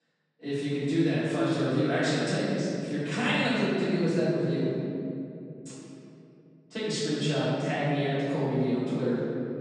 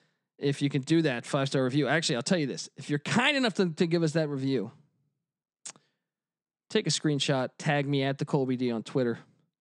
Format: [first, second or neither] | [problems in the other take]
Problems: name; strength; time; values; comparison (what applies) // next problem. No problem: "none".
second | off-mic speech; far // room echo; strong; dies away in 2.7 s